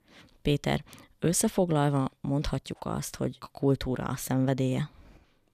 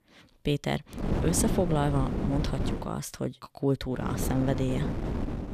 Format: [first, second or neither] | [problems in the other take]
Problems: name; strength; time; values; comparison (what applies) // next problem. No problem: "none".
first | wind noise on the microphone; heavy; from 1 to 3 s and from 4 s on; 5 dB below the speech